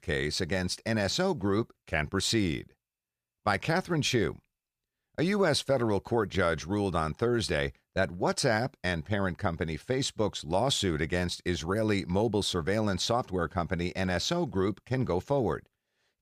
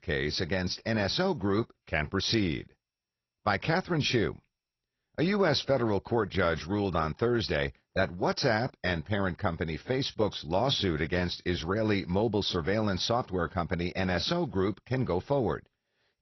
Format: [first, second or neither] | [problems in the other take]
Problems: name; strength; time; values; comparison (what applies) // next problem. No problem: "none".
first | garbled, watery; slightly; nothing above 6 kHz